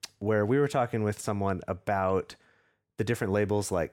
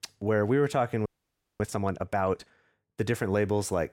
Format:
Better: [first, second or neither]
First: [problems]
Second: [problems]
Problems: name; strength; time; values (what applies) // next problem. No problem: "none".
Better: first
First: none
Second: audio freezing; at 1 s for 0.5 s